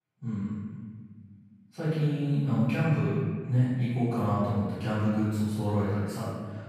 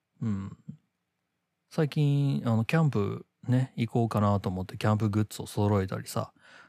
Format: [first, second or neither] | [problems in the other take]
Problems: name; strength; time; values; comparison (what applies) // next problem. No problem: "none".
second | room echo; strong; dies away in 1.7 s // off-mic speech; far